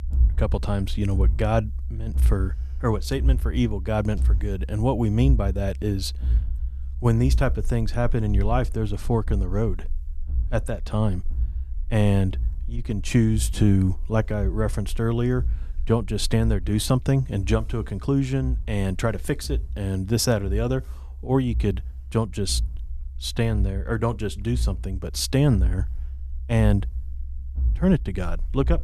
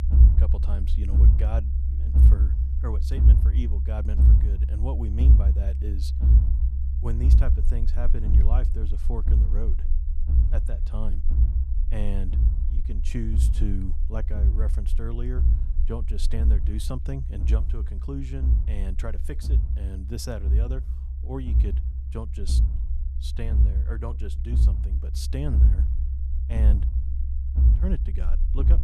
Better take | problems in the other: first | low rumble; loud; throughout; 2 dB below the speech; faint in the first

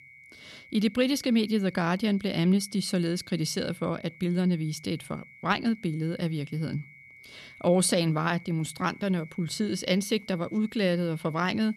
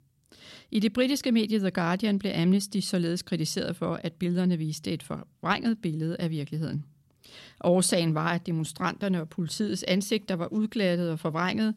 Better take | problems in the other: second | high-pitched whine; faint; throughout; 2 kHz, 20 dB below the speech

